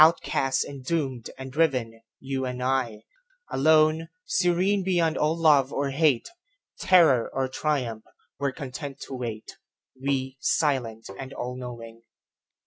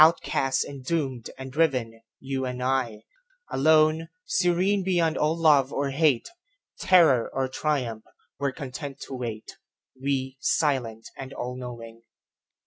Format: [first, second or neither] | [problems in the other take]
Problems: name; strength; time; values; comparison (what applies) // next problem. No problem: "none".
second | background sound (Tap); 15 dB below the speech